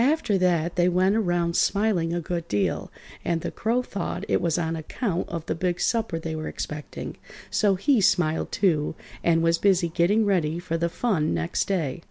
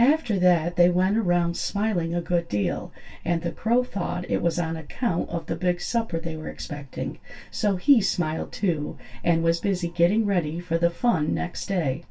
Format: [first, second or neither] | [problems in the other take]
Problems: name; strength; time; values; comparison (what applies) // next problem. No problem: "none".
first | room echo; dies away in 0.1 s